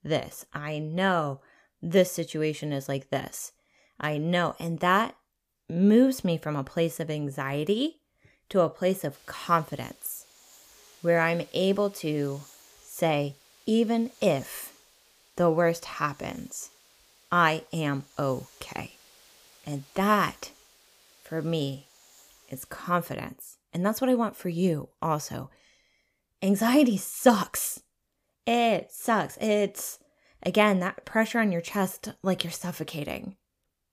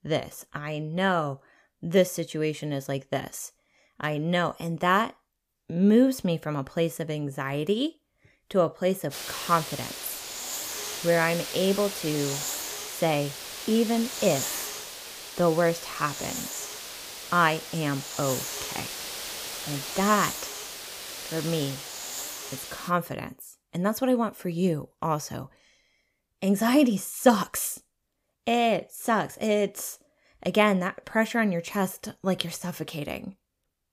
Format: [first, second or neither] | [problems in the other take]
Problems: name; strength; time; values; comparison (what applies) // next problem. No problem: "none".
first | hiss; loud; from 9 to 23 s; 7 dB below the speech; faint in the first